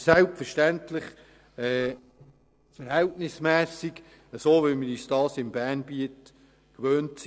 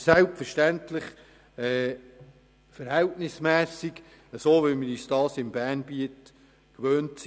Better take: second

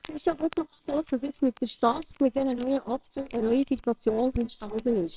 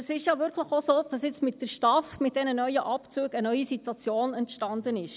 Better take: second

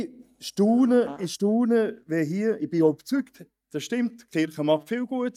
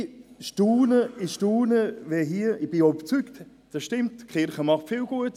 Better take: second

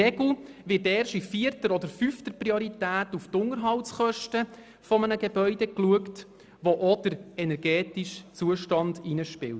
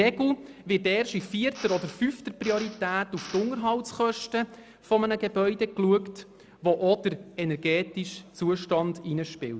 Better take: first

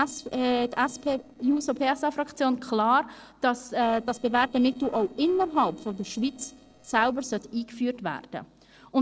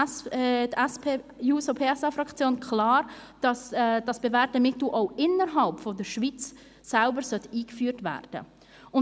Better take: second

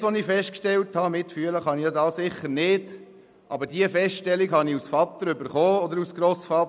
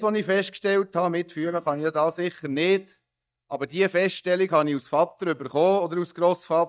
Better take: first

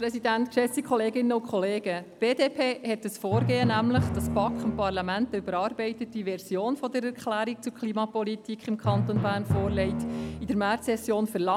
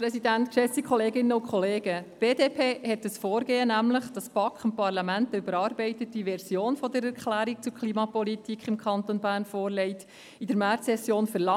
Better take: second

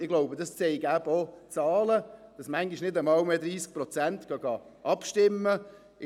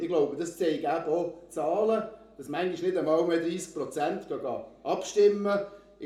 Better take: first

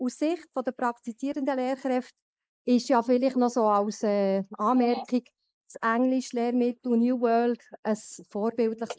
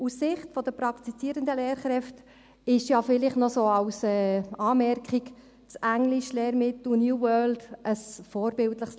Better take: second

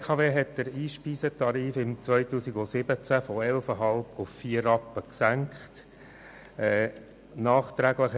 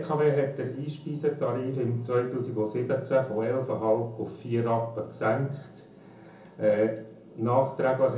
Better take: first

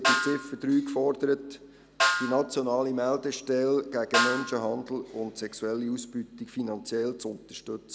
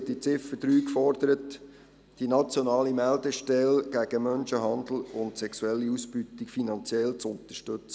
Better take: second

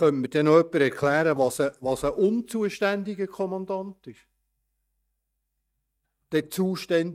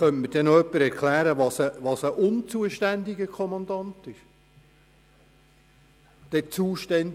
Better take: second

